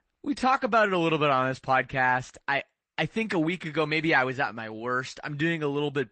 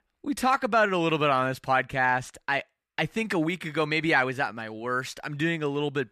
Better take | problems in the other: second | garbled, watery; slightly; nothing above 8 kHz

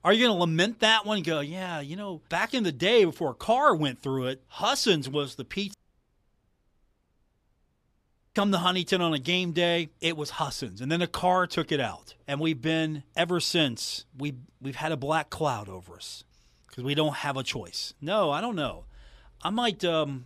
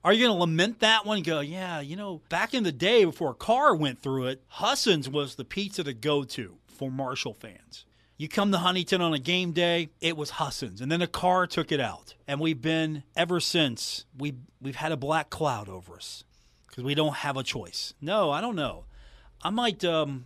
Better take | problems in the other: second | audio cutting out; at 5.5 s for 2.5 s

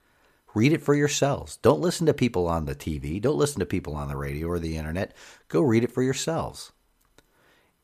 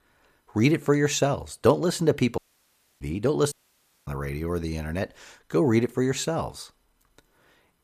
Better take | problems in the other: first | audio cutting out; at 2.5 s for 0.5 s and at 3.5 s for 0.5 s

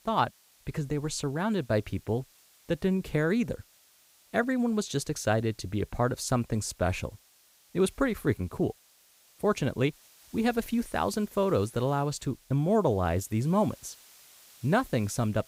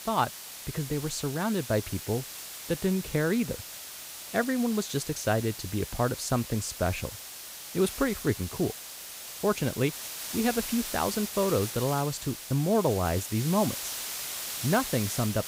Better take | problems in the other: first | hiss; loud; throughout; 7 dB below the speech; faint in the first

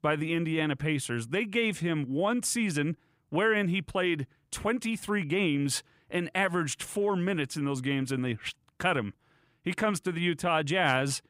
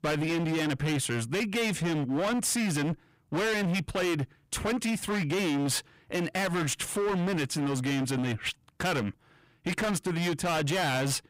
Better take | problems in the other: first | distortion; heavy; 29% of the sound clipped

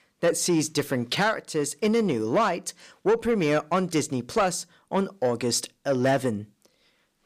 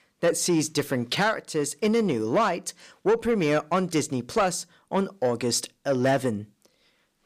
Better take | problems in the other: neither | distortion; slight; 10 dB below the speech; the same in both

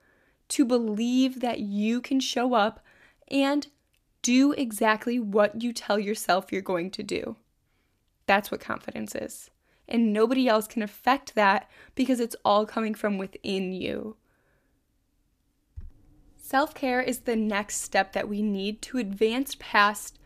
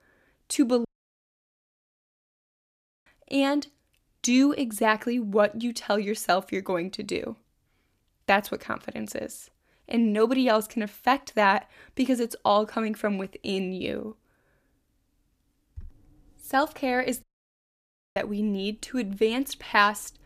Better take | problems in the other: first | audio cutting out; at 1 s for 2 s and at 17 s for 1 s

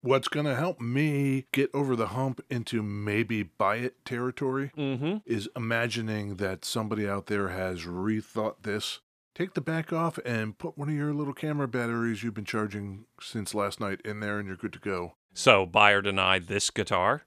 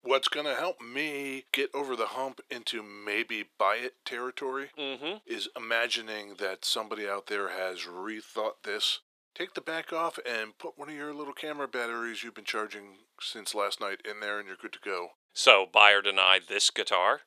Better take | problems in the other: first | thin; very; fading below 450 Hz

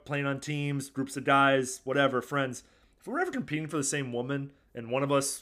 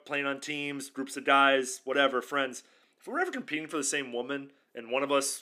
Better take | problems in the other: first | thin; very slightly; fading below 250 Hz

